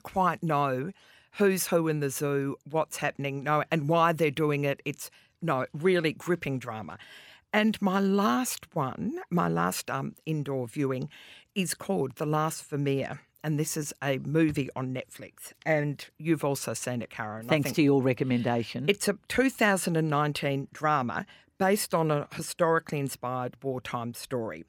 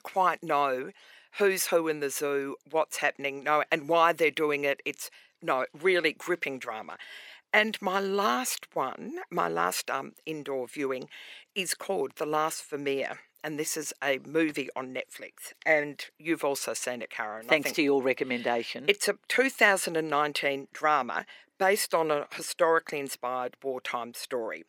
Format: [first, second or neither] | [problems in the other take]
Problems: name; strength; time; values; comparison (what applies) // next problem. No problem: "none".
first | thin; somewhat; fading below 450 Hz